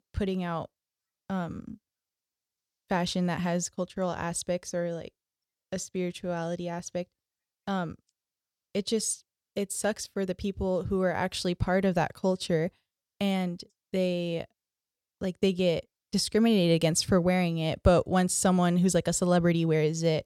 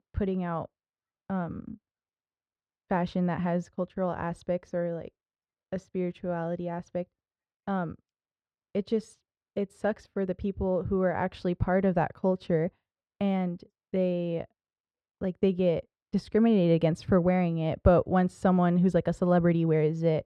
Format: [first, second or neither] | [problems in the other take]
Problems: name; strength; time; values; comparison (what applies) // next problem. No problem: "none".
first | muffled; very; fading above 4 kHz